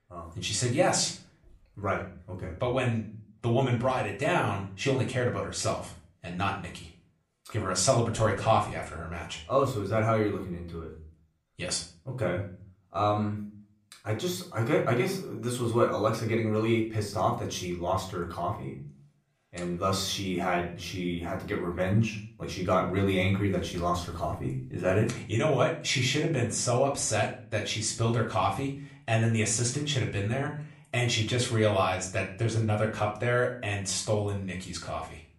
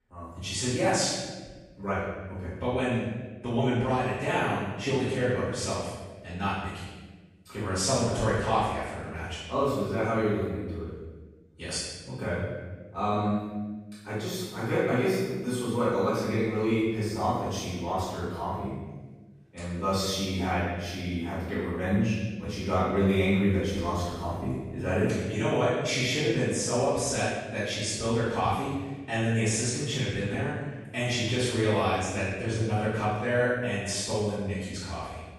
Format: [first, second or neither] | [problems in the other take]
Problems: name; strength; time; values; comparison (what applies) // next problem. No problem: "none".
first | room echo; strong; dies away in 1.1 s; slight in the first // off-mic speech; far; far in the first